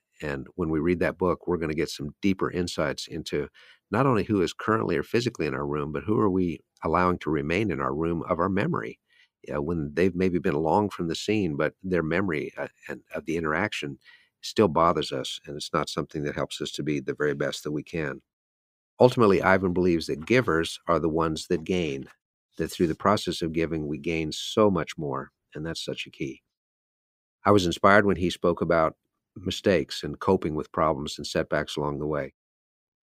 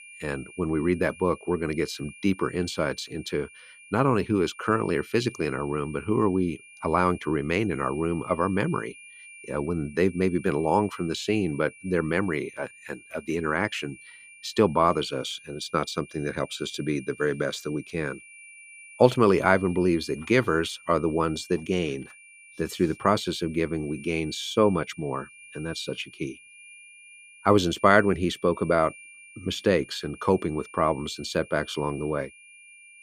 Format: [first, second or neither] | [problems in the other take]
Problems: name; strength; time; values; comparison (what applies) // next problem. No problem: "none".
first | high-pitched whine; noticeable; throughout; 2.5 kHz, 20 dB below the speech